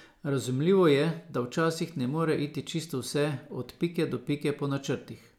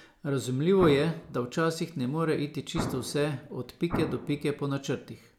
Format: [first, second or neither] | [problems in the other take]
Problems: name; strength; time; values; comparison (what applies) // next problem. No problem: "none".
first | background sound (Explosion); 8 dB below the speech